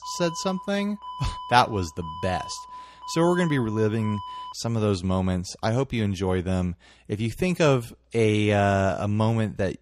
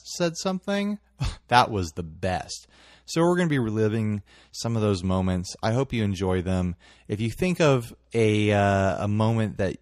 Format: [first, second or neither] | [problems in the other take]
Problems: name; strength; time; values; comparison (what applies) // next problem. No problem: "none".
second | alarm; faint; until 4.5 s; peak 10 dB below the speech